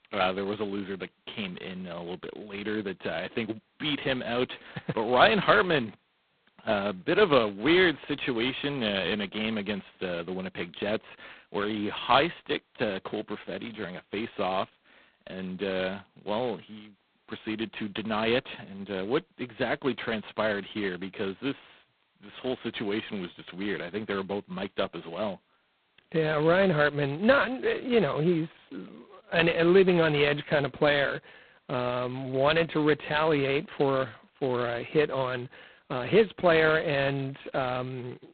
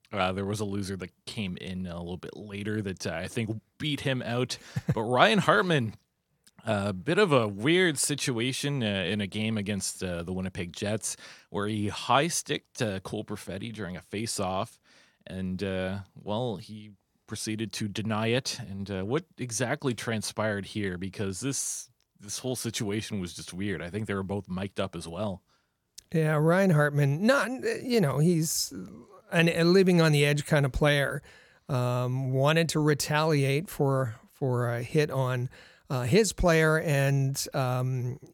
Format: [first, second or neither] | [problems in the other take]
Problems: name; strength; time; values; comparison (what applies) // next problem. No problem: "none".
second | phone-call audio; poor line; nothing above 4 kHz